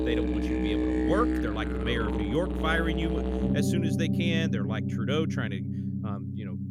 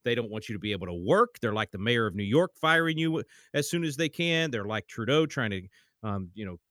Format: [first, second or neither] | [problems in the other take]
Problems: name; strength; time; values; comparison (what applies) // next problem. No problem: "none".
second | background music; very loud; throughout; 4 dB above the speech